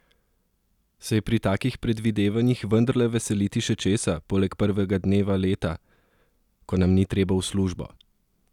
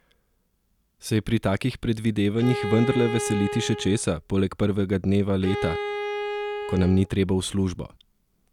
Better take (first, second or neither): first